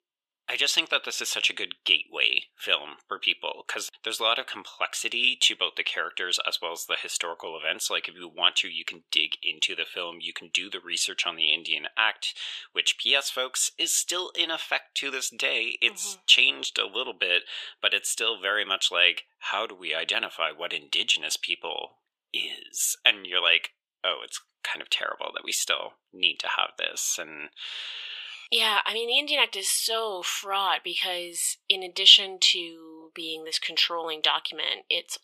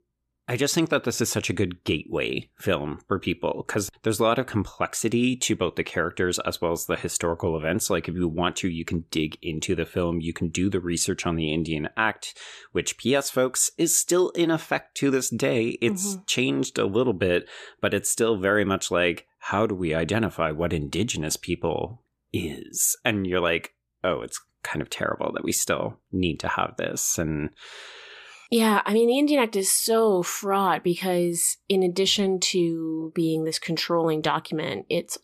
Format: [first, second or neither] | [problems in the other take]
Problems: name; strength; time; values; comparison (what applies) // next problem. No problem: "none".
second | thin; very; fading below 700 Hz